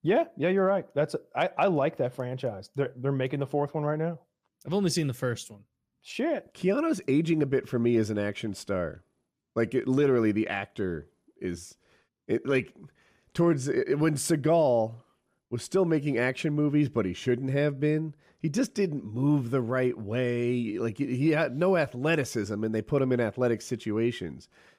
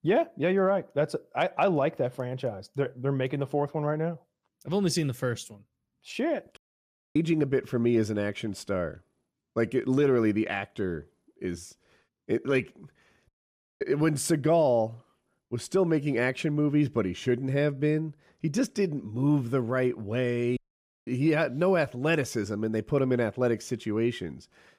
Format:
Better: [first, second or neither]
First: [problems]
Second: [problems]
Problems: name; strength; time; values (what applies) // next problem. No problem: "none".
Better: first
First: none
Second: audio cutting out; at 6.5 s for 0.5 s, at 13 s for 0.5 s and at 21 s for 0.5 s